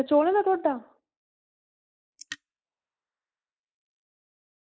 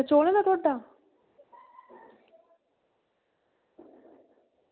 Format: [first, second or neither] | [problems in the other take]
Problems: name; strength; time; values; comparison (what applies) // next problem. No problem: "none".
second | noise reduction (neural mask model Resemble Enhance denoiser)